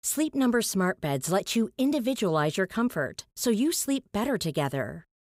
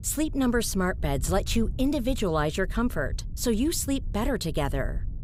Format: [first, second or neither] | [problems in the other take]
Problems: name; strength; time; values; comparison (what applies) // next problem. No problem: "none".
first | low rumble; faint; throughout; 25 dB below the speech